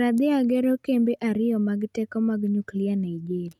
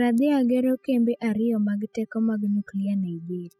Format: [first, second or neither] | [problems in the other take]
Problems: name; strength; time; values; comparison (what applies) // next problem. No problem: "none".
first | noise reduction (classical method spectral subtraction)